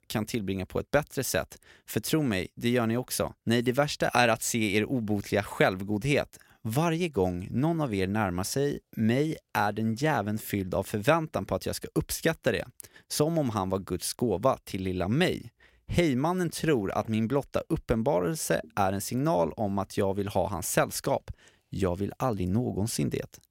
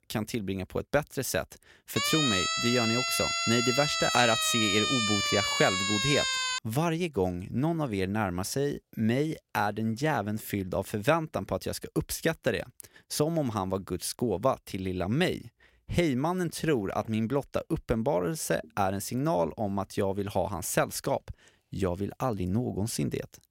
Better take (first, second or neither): first